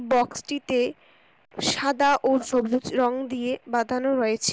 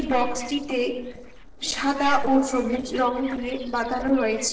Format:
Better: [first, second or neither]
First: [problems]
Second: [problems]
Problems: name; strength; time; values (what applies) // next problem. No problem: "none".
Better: first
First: none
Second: noise reduction (neural separator model SepFormer DNS4)